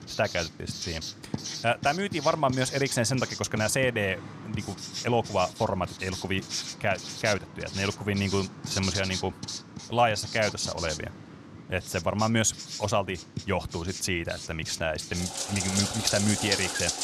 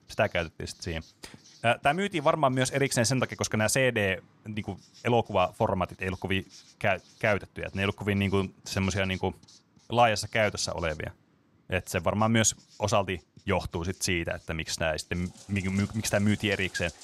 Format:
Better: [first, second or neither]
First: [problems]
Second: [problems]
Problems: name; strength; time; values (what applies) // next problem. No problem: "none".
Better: second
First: household noises; loud; throughout; 6 dB below the speech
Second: household noises; faint; throughout; 25 dB below the speech